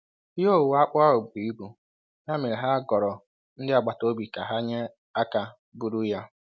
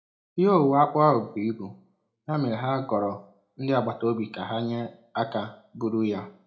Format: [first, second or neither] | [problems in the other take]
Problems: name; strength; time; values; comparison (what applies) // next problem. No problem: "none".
first | room echo; dies away in 0.4 s